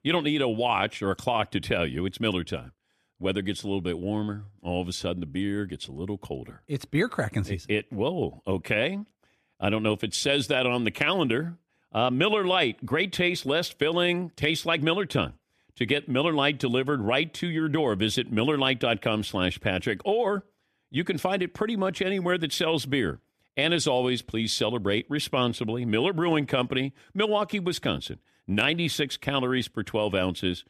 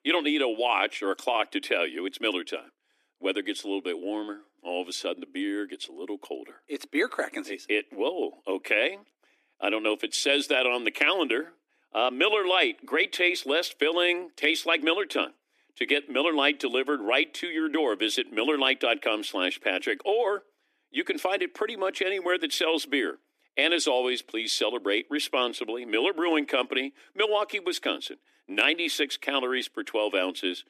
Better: first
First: none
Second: thin; very slightly; fading below 300 Hz

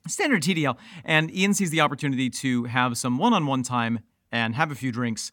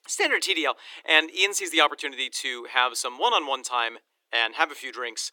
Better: first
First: none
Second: thin; very; fading below 350 Hz

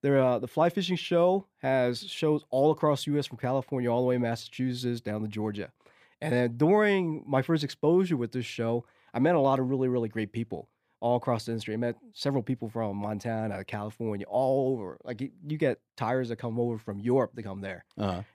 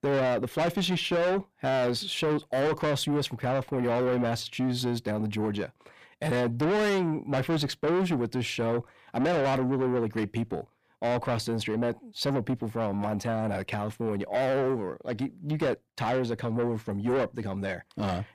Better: first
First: none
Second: distortion; heavy; 6 dB below the speech

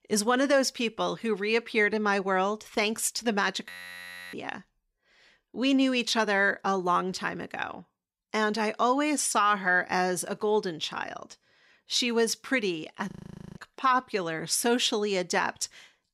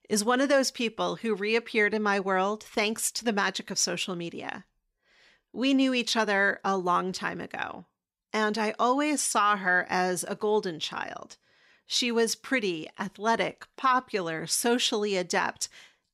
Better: second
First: audio freezing; at 3.5 s for 0.5 s and at 13 s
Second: none

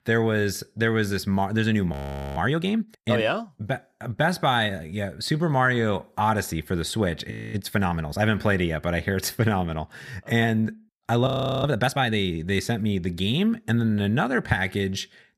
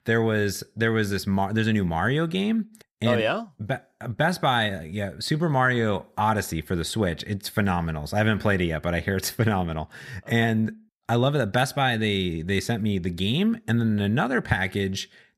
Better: second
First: audio freezing; at 2 s, at 7.5 s and at 11 s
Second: none

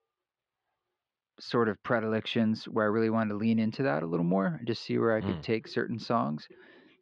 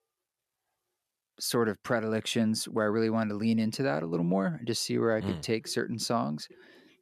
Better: second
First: muffled; slightly; fading above 4 kHz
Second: none

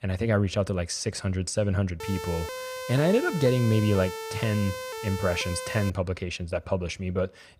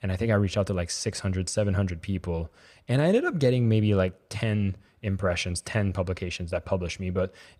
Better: second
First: siren; noticeable; from 2 to 6 s; peak 8 dB below the speech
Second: none

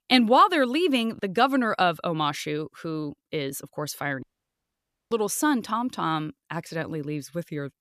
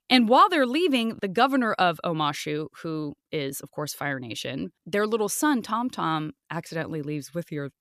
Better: second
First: audio cutting out; at 4 s for 1 s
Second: none

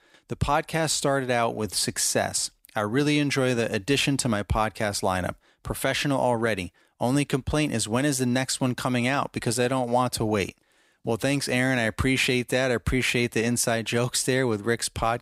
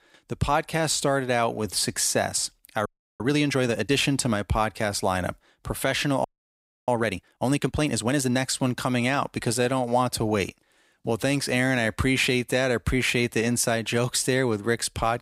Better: first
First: none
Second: audio freezing; at 3 s and at 6 s for 0.5 s

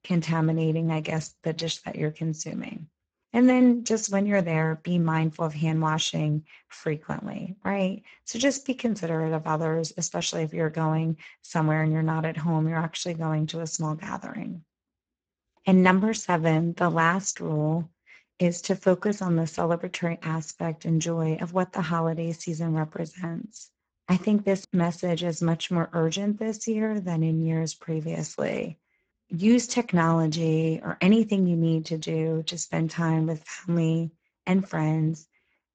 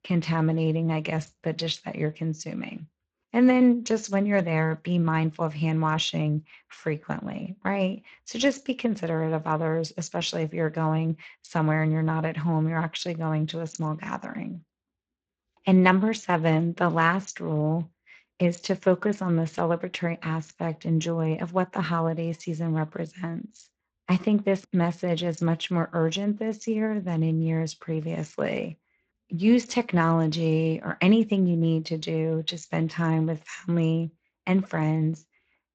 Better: second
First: garbled, watery; badly; nothing above 7.5 kHz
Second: garbled, watery; slightly; nothing above 7.5 kHz

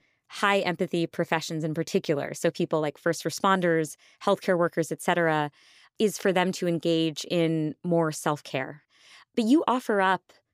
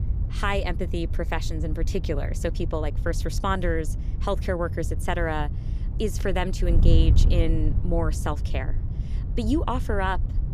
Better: first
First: none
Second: wind noise on the microphone; occasional gusts; 15 dB below the speech

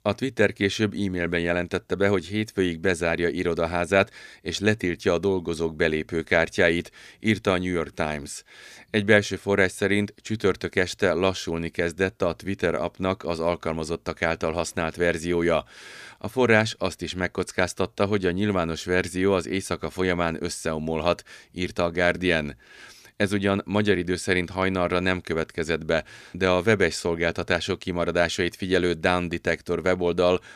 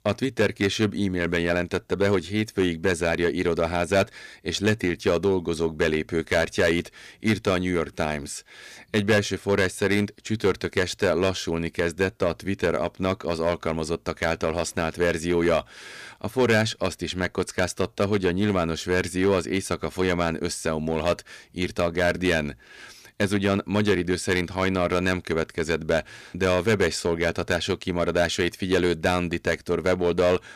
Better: first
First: none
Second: distortion; slight; 3% of the sound clipped

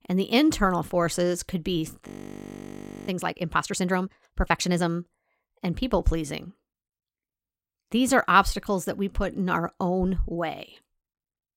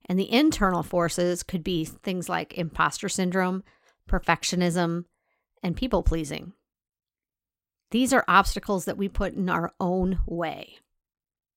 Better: second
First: audio freezing; at 2 s for 1 s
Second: none

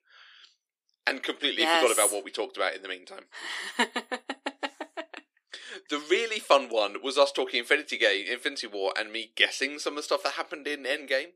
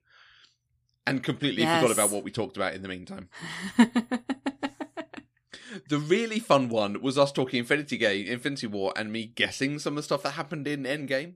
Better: second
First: thin; somewhat; fading below 350 Hz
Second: none

